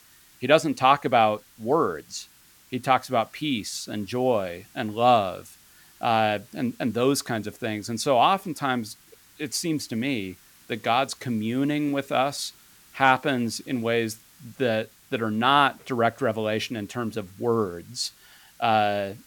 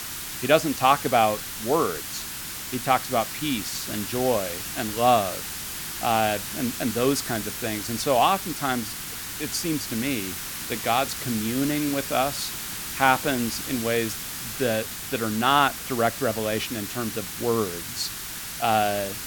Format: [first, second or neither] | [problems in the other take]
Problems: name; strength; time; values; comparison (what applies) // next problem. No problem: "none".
first | hiss; loud; throughout; 6 dB below the speech; faint in the first